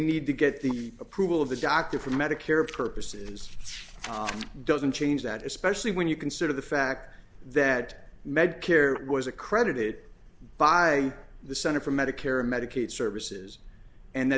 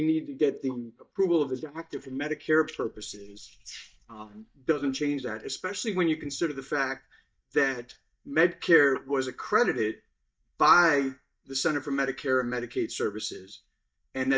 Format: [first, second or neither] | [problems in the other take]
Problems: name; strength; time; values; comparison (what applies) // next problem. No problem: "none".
first | noise reduction (neural mask model DeepFilterNet 3)